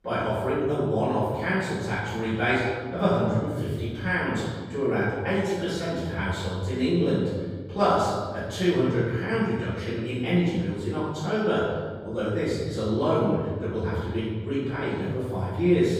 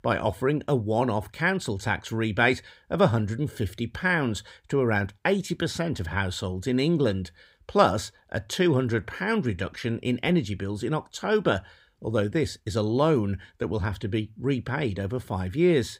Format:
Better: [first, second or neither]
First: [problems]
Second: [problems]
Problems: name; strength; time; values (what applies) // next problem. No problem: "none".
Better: second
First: off-mic speech; far // room echo; strong; dies away in 1.4 s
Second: none